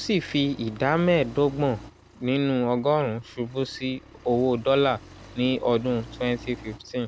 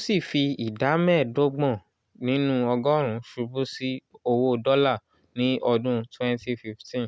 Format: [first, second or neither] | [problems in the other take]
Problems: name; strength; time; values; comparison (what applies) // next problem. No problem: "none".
second | background sound (Accelerating, revving, vroom); 20 dB below the speech